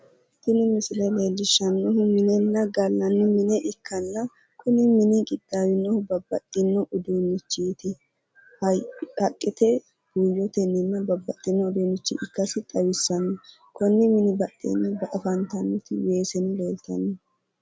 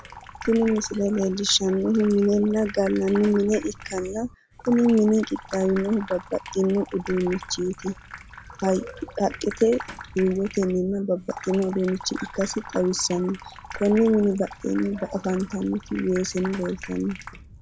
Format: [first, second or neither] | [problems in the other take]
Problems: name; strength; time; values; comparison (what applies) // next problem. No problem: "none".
first | background sound (Sink (filling or washing) / Water tap, faucet); 16 dB below the speech